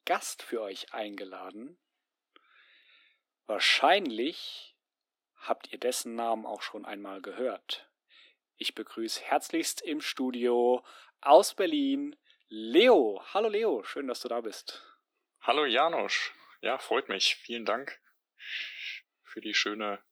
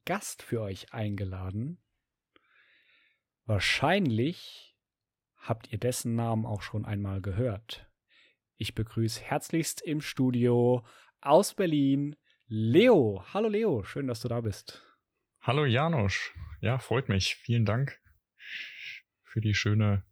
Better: second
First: thin; somewhat; fading below 250 Hz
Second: none

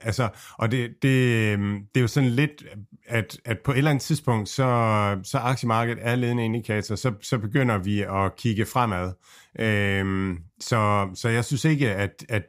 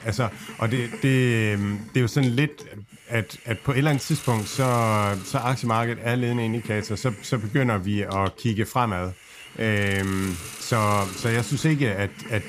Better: first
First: none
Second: hiss; noticeable; throughout; 15 dB below the speech

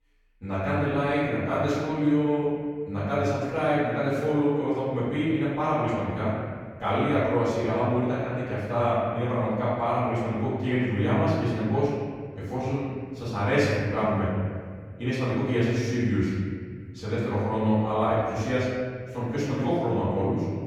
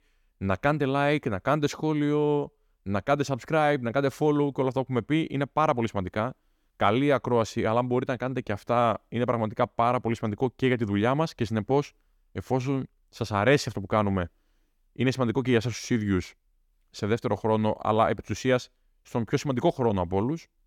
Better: second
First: room echo; strong; dies away in 1.9 s // off-mic speech; far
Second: none

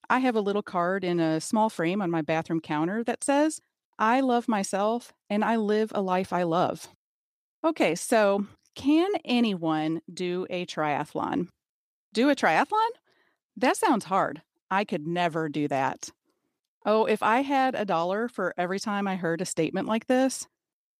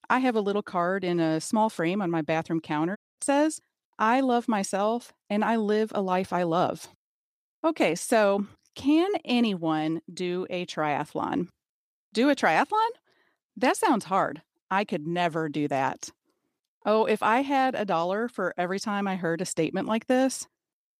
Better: first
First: none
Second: audio cutting out; at 3 s

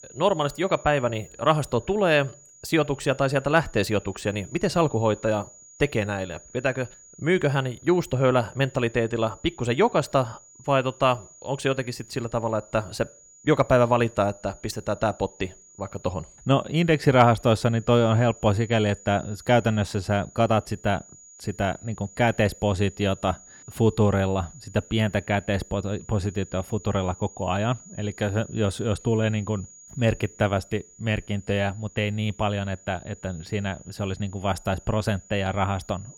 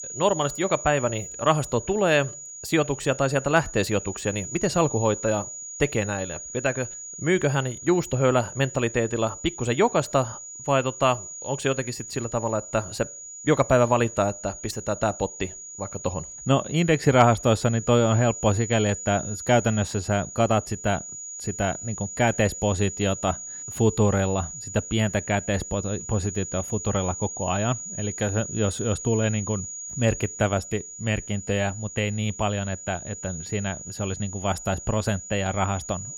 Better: first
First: high-pitched whine; faint; throughout; 7 kHz, 20 dB below the speech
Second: high-pitched whine; loud; throughout; 7 kHz, 10 dB below the speech

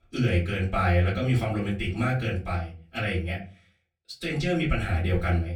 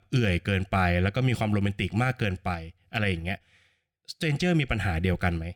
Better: second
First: off-mic speech; far // room echo; very slight; dies away in 0.3 s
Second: none

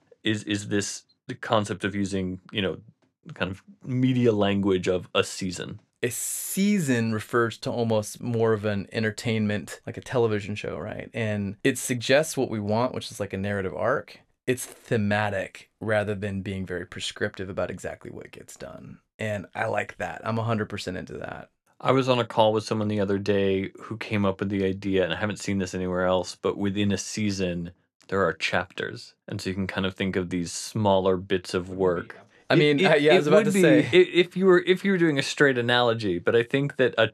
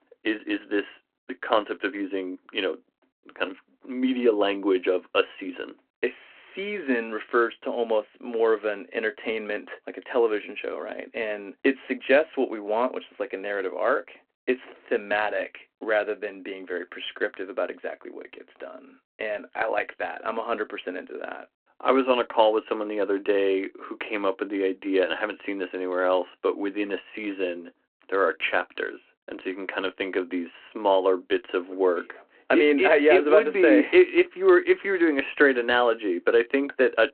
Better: first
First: none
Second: phone-call audio

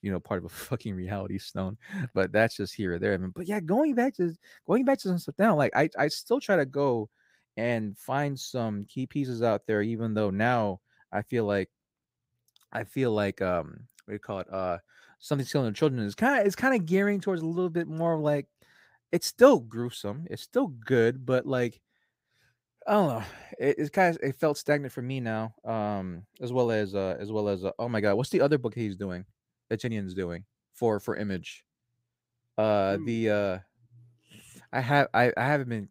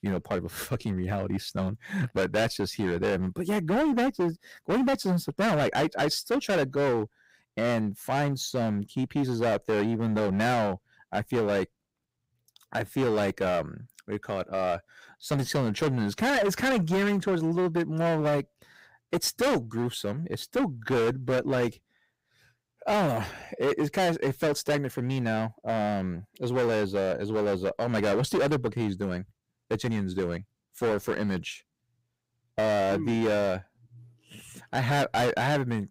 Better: first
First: none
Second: distortion; heavy; 15% of the sound clipped

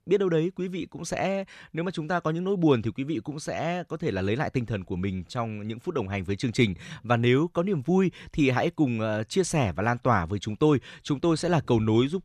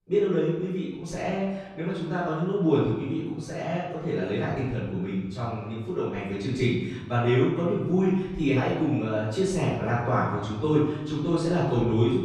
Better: first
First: none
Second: off-mic speech; far // room echo; strong; dies away in 1.1 s

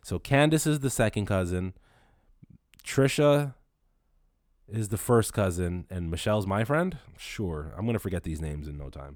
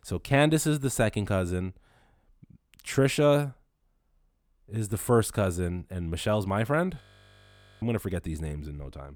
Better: first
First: none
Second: audio freezing; at 7 s for 1 s

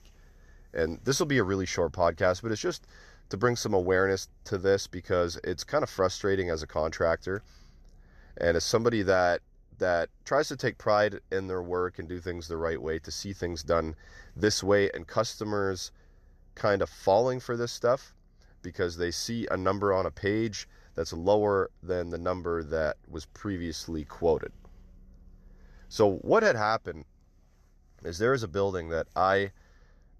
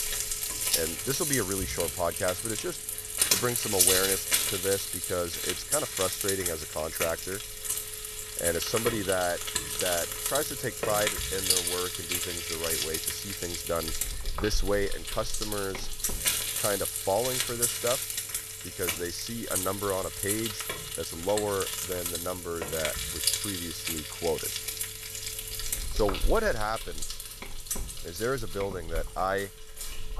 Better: first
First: none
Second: household noises; very loud; throughout; 3 dB above the speech

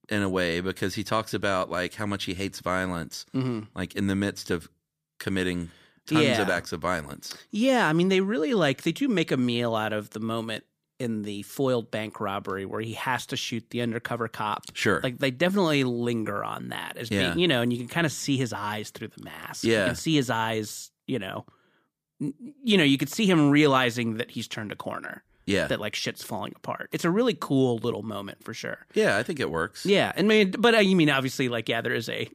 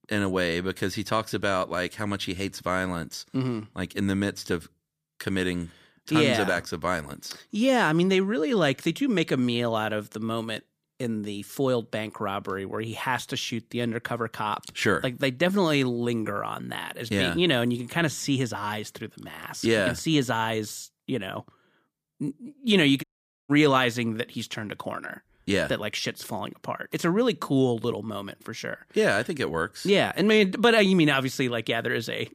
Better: first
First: none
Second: audio cutting out; at 23 s

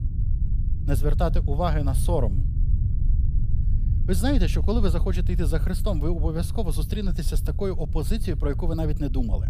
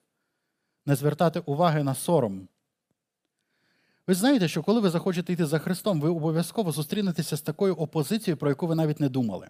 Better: second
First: low rumble; noticeable; throughout; 10 dB below the speech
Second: none

